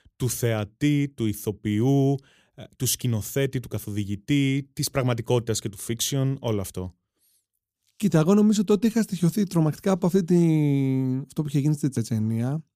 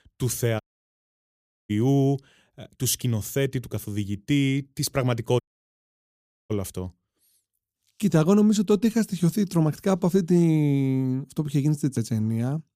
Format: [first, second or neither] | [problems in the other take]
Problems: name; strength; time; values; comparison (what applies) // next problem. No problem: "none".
first | audio cutting out; at 0.5 s for 1 s and at 5.5 s for 1 s